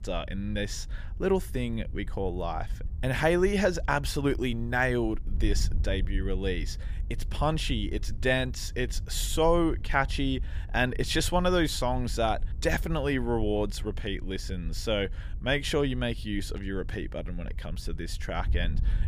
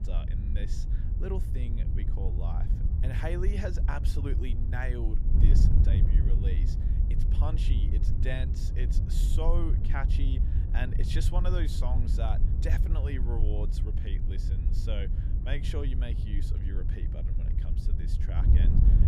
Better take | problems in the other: first | wind noise on the microphone; heavy; 4 dB below the speech; occasional gusts in the first

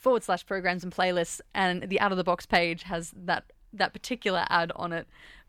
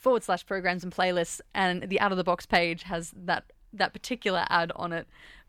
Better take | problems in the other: neither | none

